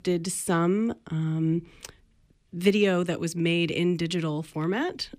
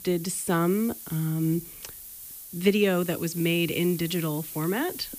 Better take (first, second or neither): first